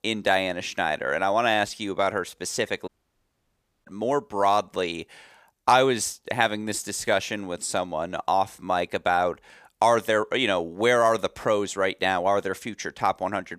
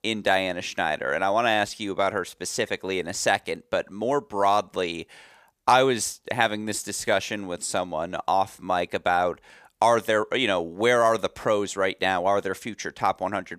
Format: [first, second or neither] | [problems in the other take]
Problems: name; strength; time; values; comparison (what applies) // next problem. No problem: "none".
second | audio cutting out; at 3 s for 1 s